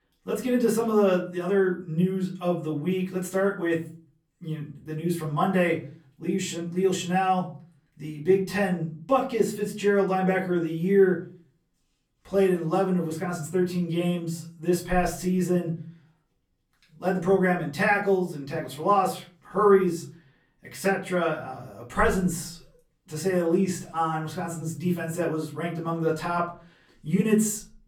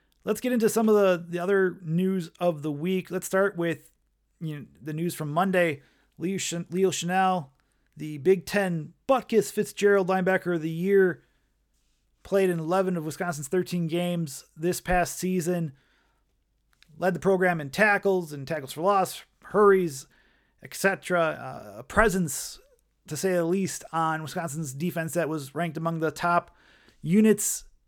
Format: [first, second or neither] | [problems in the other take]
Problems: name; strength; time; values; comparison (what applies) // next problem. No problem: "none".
second | off-mic speech; far // room echo; slight; dies away in 0.4 s